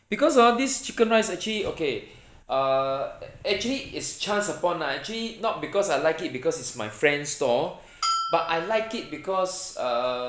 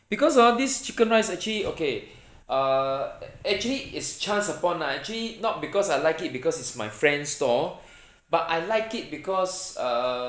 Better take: second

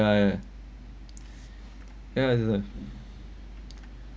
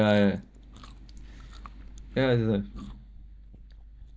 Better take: first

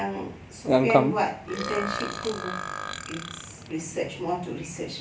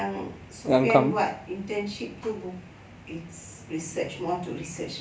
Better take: second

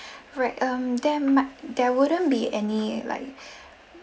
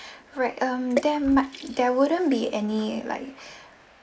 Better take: first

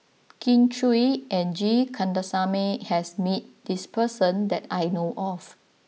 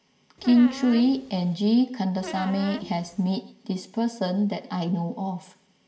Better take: first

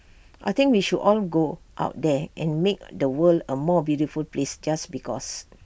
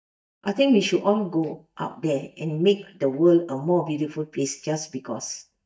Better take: first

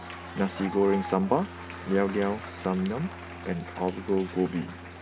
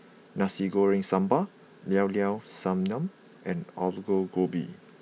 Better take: second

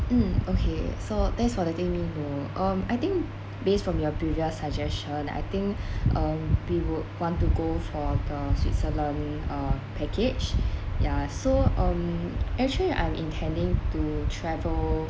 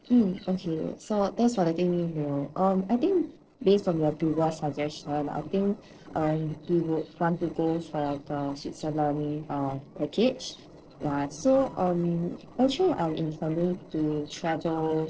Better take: first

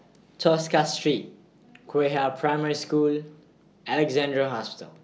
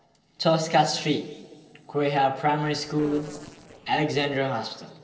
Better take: first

